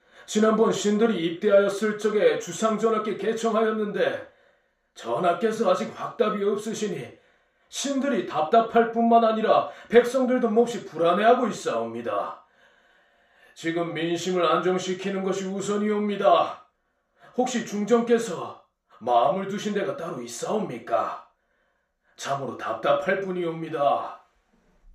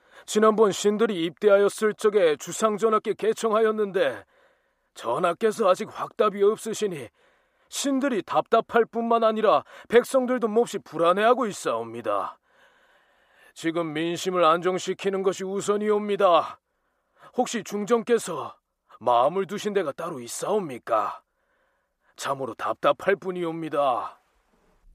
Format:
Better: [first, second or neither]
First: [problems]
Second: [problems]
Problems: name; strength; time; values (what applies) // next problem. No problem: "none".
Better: second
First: room echo; slight; dies away in 0.3 s // off-mic speech; far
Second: none